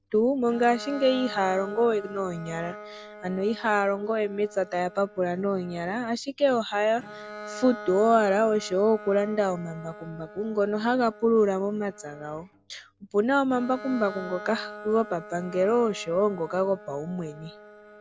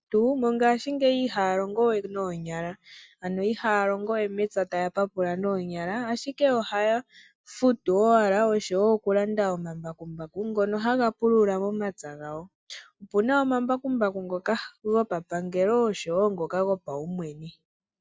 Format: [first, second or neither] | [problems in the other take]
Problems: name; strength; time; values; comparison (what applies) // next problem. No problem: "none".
second | background sound (Bowed string instrument); 16 dB below the speech